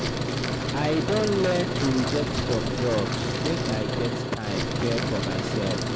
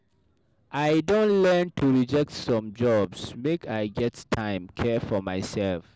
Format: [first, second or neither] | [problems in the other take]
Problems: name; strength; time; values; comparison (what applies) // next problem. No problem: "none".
second | background sound (Truck); 2 dB above the speech